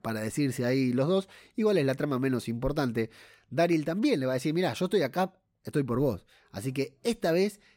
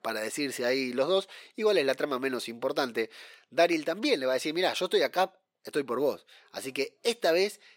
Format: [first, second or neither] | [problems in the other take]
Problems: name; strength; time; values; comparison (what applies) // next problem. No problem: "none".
first | thin; somewhat; fading below 450 Hz